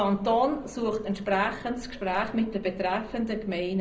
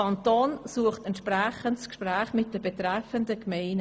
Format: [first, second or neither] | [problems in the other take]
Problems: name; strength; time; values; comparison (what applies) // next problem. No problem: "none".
second | background sound (Chatter); 19 dB below the speech // room echo; dies away in 0.5 s